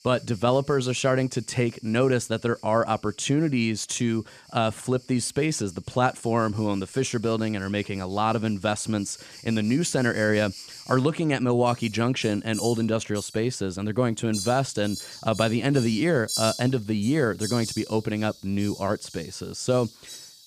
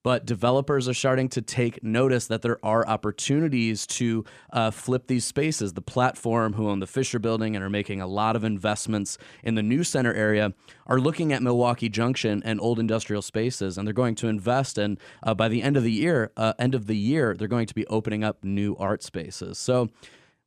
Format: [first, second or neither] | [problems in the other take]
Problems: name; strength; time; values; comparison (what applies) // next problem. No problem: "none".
second | animal sounds; noticeable; throughout; 15 dB below the speech